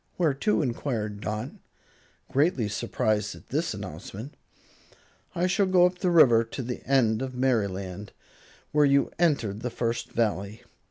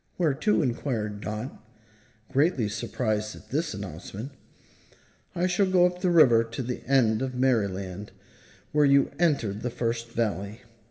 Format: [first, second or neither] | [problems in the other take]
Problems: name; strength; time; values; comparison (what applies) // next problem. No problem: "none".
first | room echo; dies away in 1.2 s